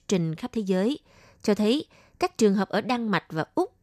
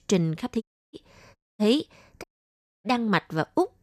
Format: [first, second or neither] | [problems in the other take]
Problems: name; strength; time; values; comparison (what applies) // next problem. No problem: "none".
first | audio cutting out; at 0.5 s, at 1.5 s and at 2 s for 0.5 s